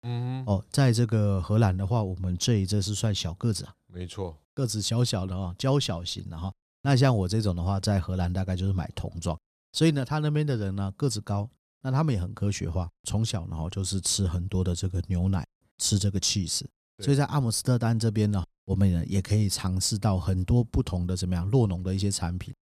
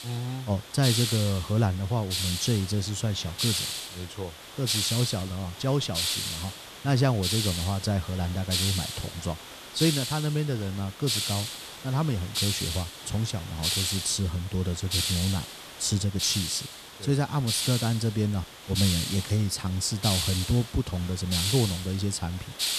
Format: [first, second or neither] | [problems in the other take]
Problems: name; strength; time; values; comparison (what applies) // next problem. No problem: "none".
first | hiss; loud; throughout; 2 dB below the speech